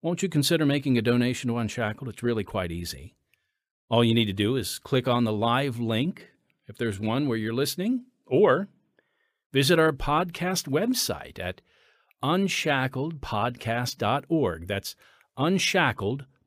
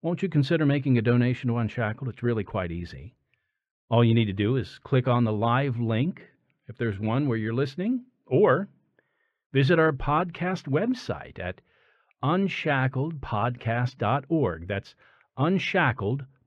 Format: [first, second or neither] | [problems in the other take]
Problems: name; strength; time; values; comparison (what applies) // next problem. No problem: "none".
first | muffled; slightly; fading above 2 kHz